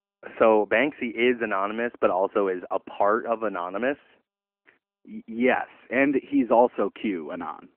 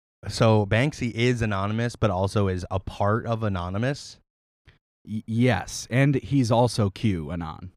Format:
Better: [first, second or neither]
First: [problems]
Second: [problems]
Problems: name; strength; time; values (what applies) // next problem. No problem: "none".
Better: second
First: phone-call audio; nothing above 3 kHz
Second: none